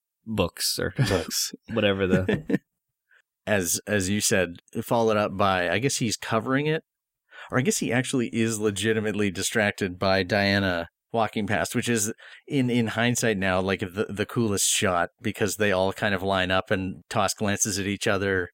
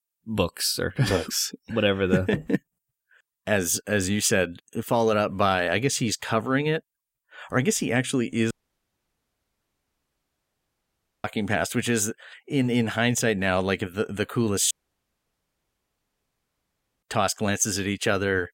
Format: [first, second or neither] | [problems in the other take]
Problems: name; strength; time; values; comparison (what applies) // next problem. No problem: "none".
first | audio cutting out; at 8.5 s for 2.5 s and at 15 s for 2.5 s